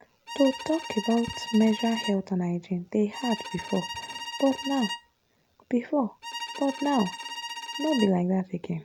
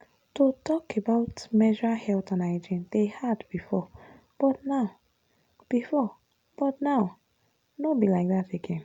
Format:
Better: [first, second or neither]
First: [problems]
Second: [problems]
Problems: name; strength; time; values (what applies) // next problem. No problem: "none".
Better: second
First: background sound (Bowed string instrument); 10 dB below the speech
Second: none